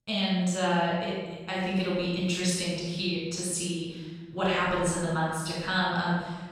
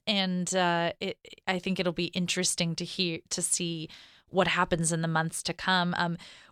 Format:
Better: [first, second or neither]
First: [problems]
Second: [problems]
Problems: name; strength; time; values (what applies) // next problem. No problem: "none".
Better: second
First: off-mic speech; far // room echo; strong; dies away in 1.3 s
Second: none